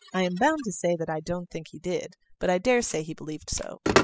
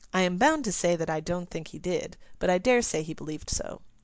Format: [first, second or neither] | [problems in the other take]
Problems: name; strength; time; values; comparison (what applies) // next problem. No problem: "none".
second | noise reduction (classical method spectral subtraction)